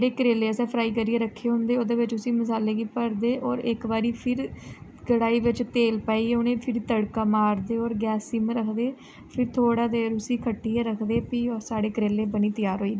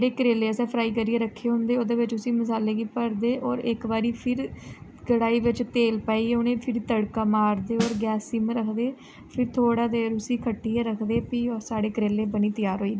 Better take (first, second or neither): first